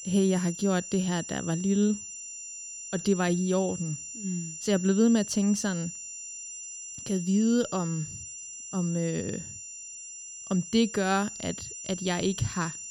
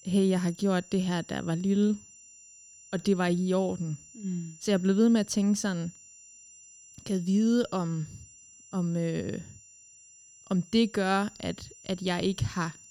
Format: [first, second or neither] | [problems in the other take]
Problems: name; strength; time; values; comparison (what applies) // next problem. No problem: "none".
second | high-pitched whine; loud; throughout; 7 kHz, 10 dB below the speech; faint in the second